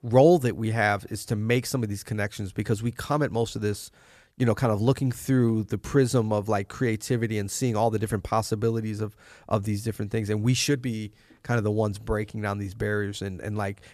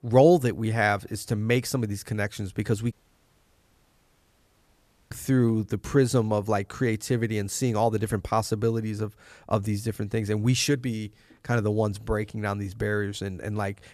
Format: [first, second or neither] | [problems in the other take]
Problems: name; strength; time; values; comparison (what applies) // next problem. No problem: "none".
first | audio cutting out; at 3 s for 2 s